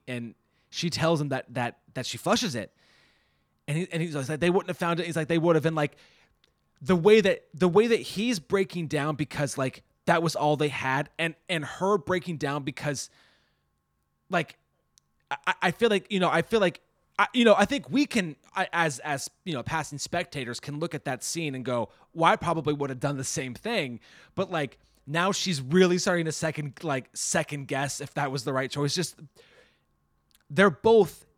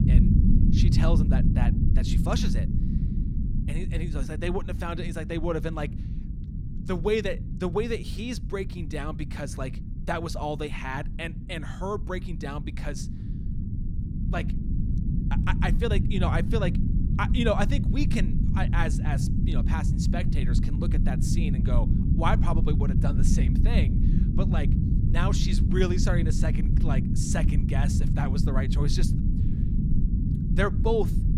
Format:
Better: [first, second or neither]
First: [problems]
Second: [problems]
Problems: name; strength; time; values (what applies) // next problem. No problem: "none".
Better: first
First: none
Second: low rumble; loud; throughout; 5 dB below the speech